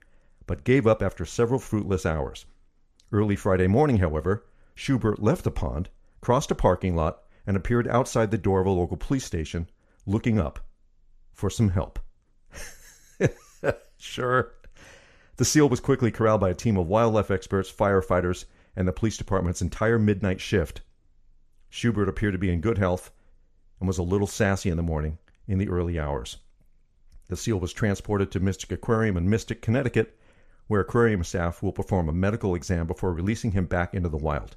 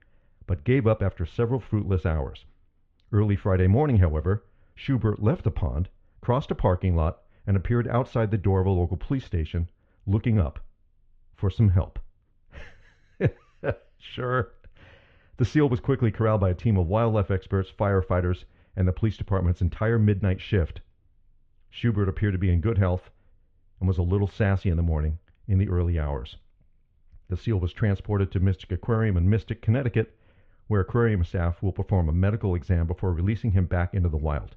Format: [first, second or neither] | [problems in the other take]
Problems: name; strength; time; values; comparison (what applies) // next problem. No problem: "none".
first | muffled; very; fading above 3.5 kHz